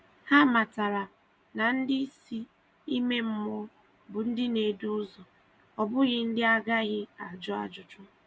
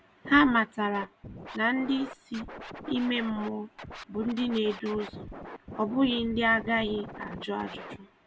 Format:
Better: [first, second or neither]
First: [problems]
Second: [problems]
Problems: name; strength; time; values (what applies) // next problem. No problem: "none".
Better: first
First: none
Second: background sound (Scratching (performance technique)); 14 dB below the speech